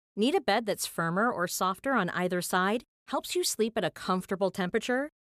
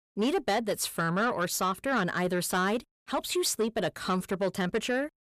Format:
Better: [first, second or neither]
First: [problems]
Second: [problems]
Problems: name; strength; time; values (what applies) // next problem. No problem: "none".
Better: first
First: none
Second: distortion; slight; 10 dB below the speech